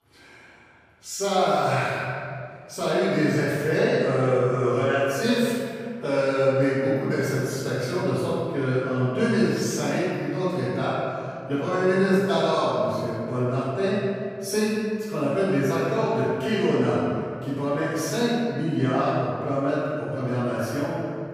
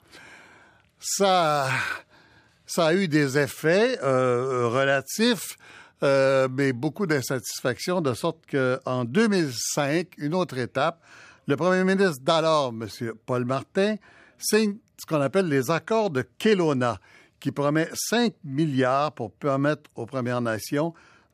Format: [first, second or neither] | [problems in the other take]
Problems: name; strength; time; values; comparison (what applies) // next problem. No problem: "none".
second | off-mic speech; far // room echo; strong; dies away in 2.1 s